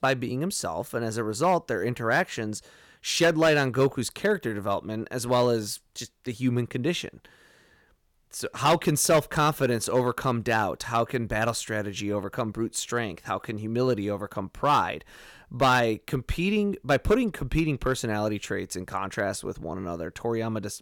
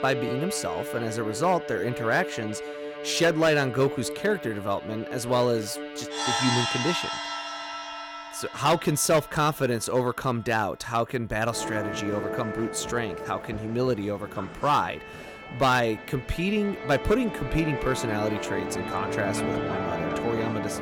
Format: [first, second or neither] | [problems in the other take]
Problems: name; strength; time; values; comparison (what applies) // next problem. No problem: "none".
first | background music; loud; throughout; 6 dB below the speech